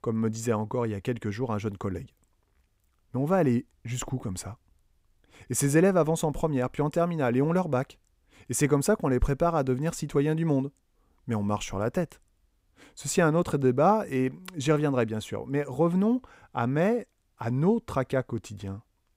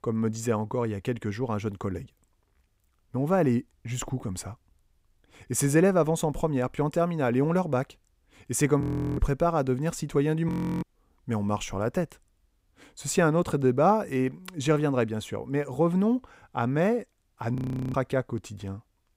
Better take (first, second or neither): first